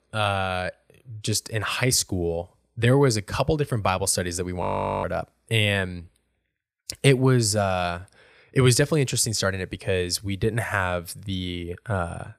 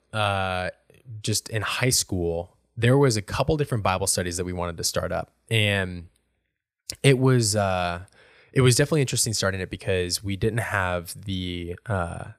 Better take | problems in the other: second | audio freezing; at 4.5 s

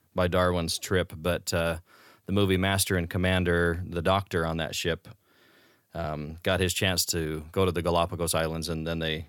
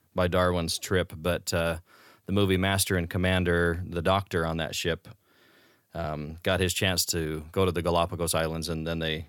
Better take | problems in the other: neither | none

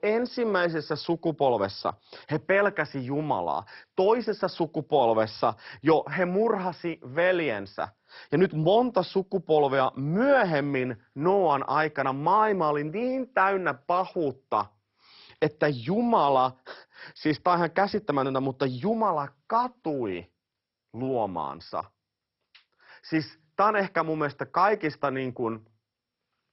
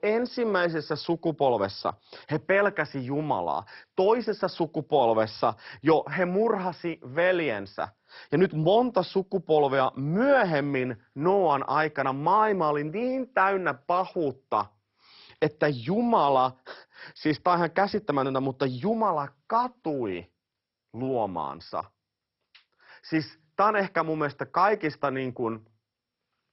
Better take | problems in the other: neither | garbled, watery; badly; nothing above 5.5 kHz; the same in both

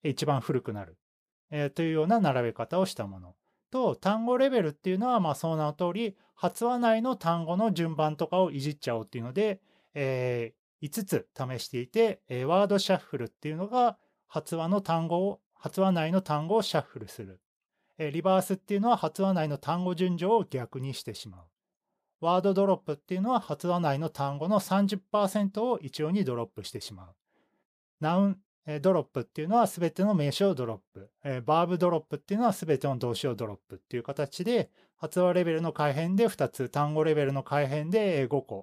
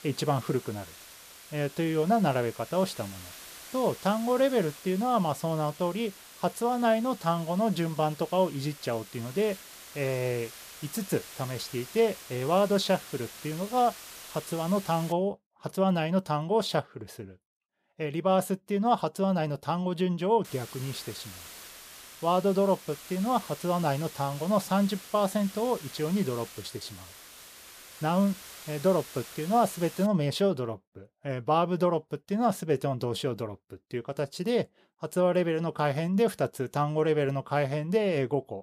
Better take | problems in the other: first | hiss; noticeable; until 15 s and from 20 to 30 s; 15 dB below the speech

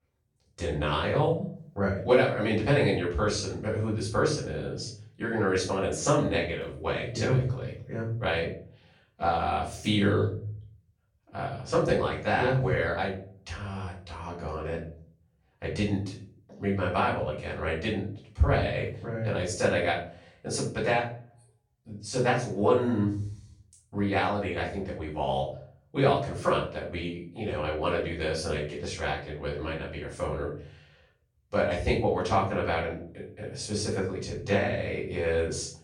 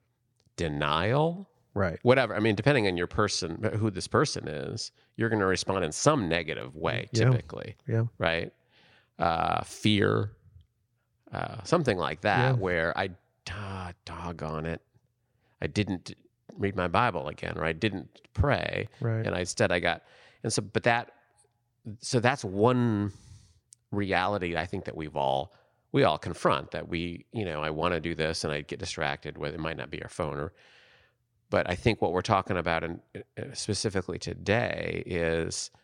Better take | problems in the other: second | room echo; noticeable; dies away in 0.4 s // off-mic speech; far

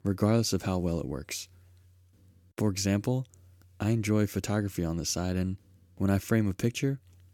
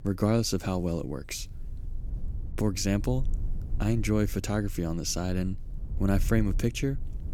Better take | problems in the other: first | low rumble; faint; throughout; 20 dB below the speech

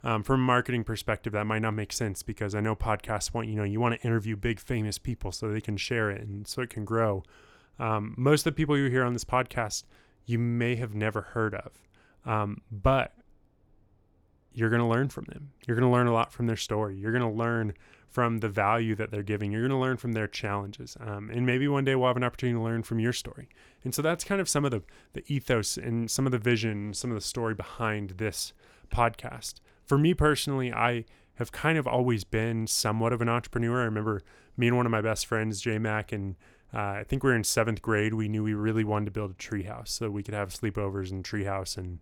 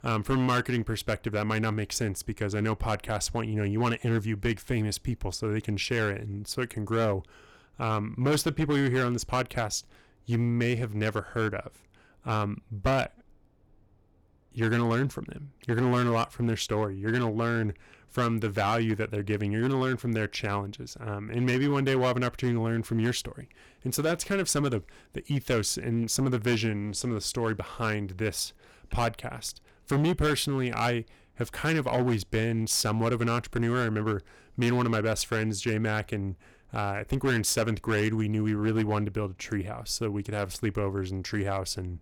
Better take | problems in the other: first | distortion; slight; 6% of the sound clipped

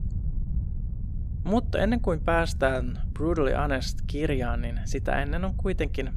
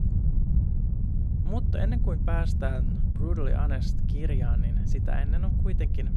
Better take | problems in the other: first | wind noise on the microphone; heavy; 3 dB below the speech; occasional gusts in the first

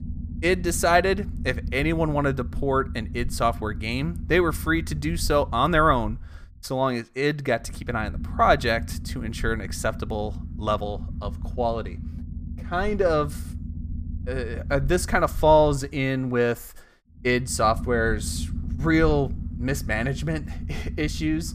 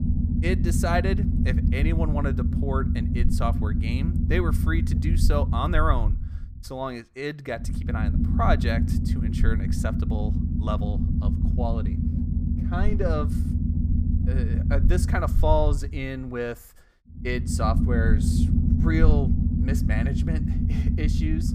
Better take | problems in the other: first | low rumble; loud; throughout; 6 dB below the speech; faint in the first

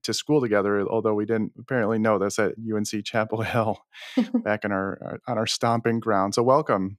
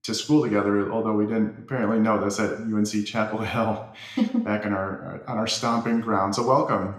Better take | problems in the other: first | room echo; slight; dies away in 0.7 s // off-mic speech; somewhat distant

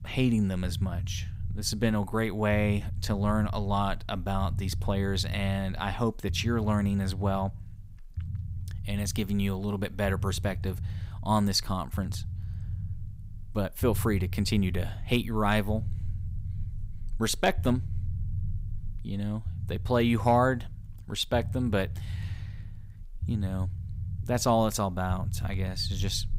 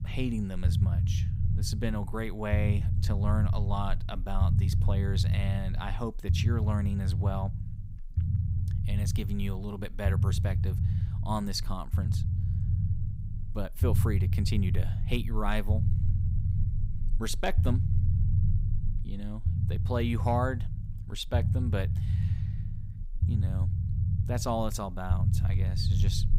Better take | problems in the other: first | low rumble; loud; throughout; 8 dB below the speech; faint in the first

